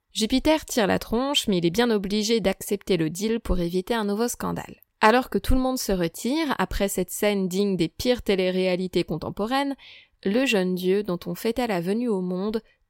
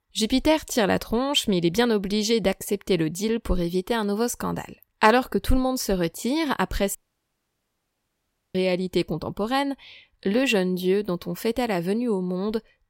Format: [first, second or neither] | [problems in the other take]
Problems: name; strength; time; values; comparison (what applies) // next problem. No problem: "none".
first | audio cutting out; at 7 s for 1.5 s